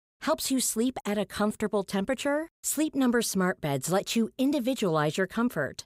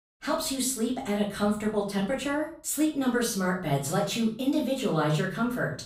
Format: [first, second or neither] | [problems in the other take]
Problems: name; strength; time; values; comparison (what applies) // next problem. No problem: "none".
first | off-mic speech; far // room echo; slight; dies away in 0.5 s